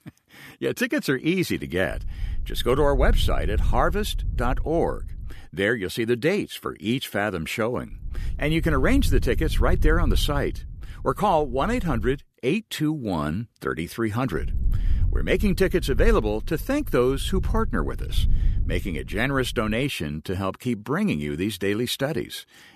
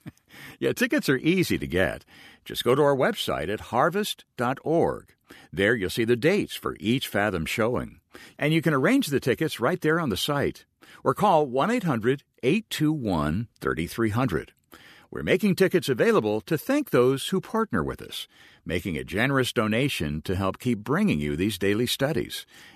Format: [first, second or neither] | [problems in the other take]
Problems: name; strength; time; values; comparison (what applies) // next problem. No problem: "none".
second | low rumble; faint; from 2 to 5.5 s, from 8 to 12 s and from 14 to 20 s; 20 dB below the speech